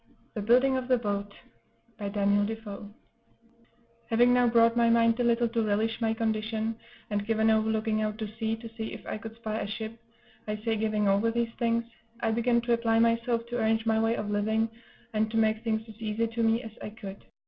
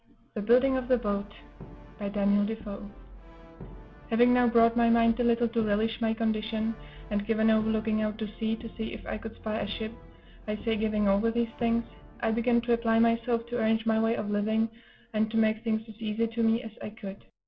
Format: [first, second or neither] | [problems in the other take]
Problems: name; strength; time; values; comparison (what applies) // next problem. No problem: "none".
first | background sound (Brass instrument); 19 dB below the speech